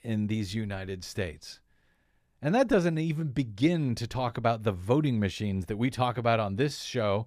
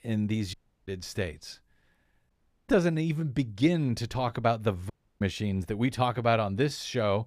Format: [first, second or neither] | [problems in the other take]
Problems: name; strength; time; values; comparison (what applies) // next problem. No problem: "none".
first | audio cutting out; at 0.5 s, at 2.5 s and at 5 s